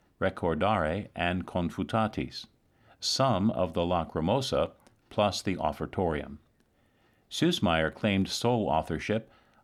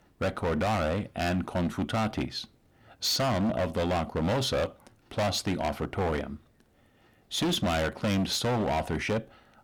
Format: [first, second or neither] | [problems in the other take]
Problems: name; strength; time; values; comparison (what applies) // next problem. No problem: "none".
first | distortion; heavy; 17% of the sound clipped